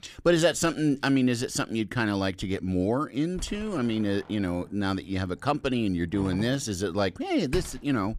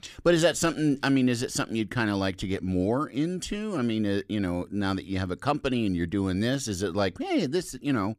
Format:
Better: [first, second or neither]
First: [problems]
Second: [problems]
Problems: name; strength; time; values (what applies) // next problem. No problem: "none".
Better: second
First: door banging; faint; from 3.5 s on; peak 10 dB below the speech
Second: none